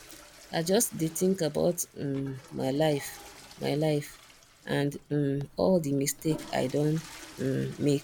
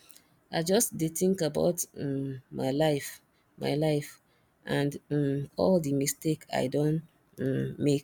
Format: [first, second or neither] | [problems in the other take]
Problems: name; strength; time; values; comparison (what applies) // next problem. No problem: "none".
second | background sound (Toilet flush / Water); 19 dB below the speech